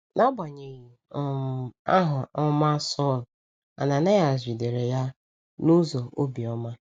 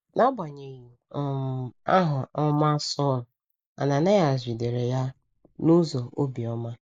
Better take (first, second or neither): first